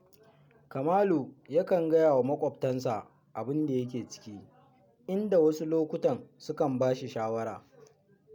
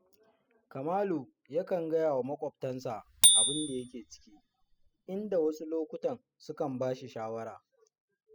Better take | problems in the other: first | noise reduction (classical method spectral subtraction)

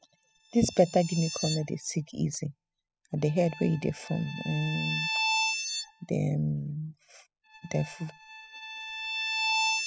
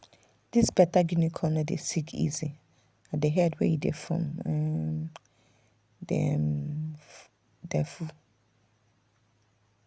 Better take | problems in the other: second | noise reduction (classical method spectral subtraction)

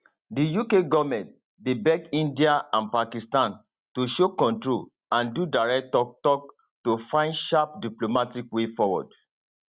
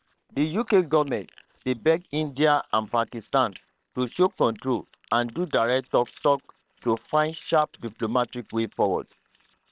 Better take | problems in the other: first | noise reduction (neural separator model SepFormer WHAM!)

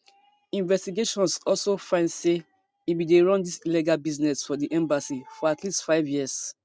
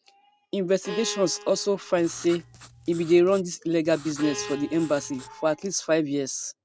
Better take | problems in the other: first | background sound (Bowed string instrument + Writing); 16 dB below the speech

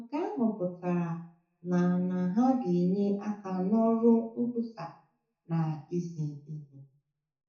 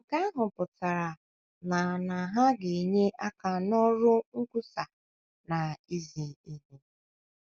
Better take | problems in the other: second | room echo; dies away in 0.6 s

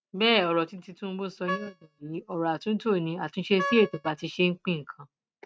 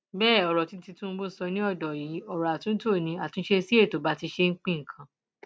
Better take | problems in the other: second | noise reduction (neural mask model RNNoise)

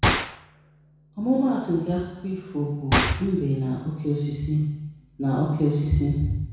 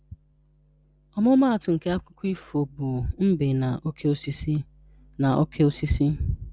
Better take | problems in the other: second | background sound (Gunshot, gunfire); 5 dB below the speech // room echo; dies away in 1.1 s

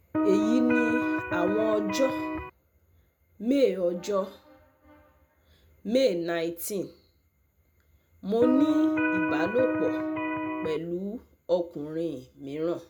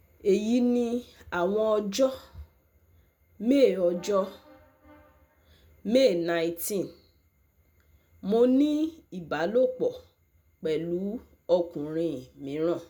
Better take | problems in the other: second | background sound (Electric guitar); 2 dB above the speech

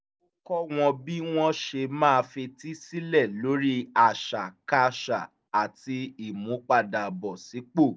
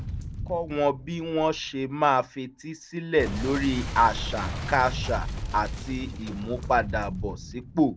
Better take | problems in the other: first | background sound (Boom); 7 dB below the speech

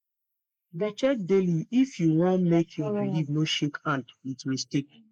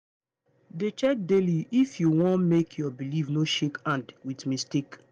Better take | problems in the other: second | noise reduction (neural mask model Resemble Enhance denoiser)

